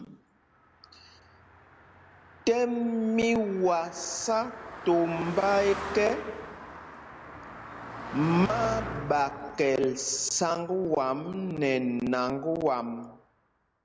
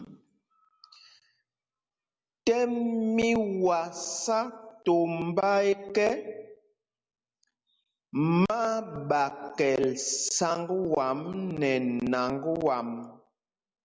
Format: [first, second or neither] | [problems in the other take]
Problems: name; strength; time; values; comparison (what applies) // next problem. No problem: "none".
second | background sound (Car passing by); 13 dB below the speech